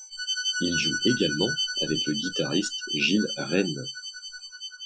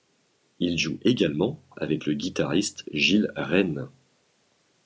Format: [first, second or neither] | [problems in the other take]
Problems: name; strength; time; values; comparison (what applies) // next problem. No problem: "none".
second | noise reduction (classical method Wiener filter)